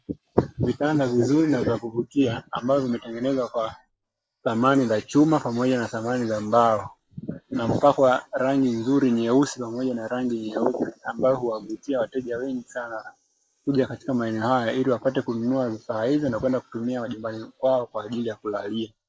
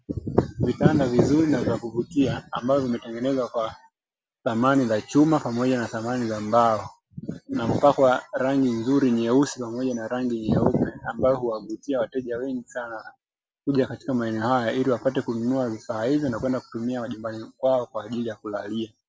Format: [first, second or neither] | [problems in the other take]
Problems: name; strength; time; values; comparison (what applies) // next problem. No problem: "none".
second | noise reduction (neural mask model Resemble Enhance denoiser)